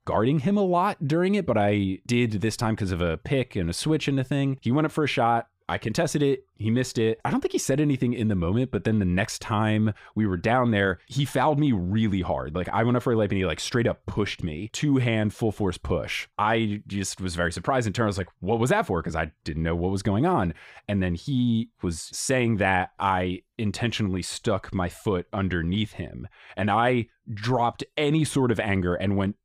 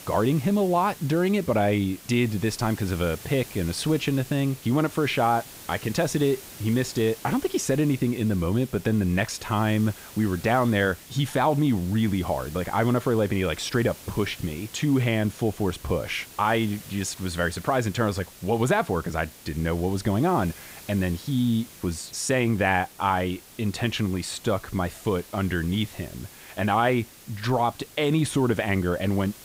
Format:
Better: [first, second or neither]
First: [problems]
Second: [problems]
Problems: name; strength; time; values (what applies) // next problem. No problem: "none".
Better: first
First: none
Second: hiss; noticeable; throughout; 20 dB below the speech